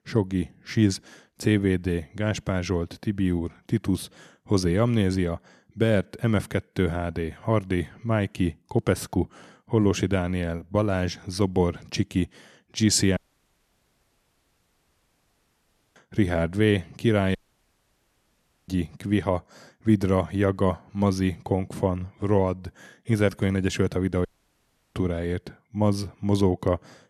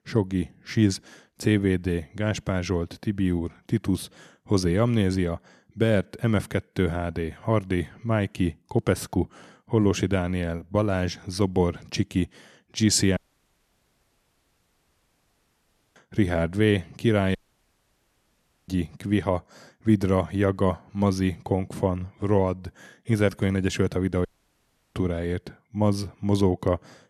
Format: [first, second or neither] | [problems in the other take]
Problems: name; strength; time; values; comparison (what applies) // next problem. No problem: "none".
neither | audio cutting out; at 13 s for 3 s, at 17 s for 1.5 s and at 24 s for 0.5 s; the same in both